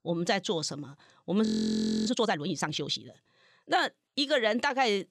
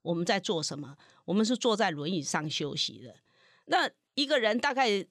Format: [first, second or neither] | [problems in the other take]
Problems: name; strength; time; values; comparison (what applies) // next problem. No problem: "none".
second | audio freezing; at 1.5 s for 0.5 s